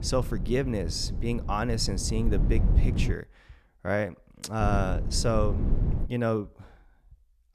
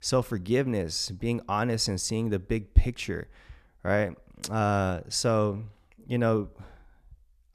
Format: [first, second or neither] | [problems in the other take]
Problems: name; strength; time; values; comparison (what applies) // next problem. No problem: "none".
second | low rumble; noticeable; until 3 s and from 4.5 to 6 s; 10 dB below the speech